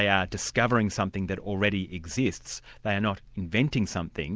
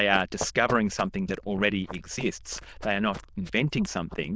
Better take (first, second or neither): first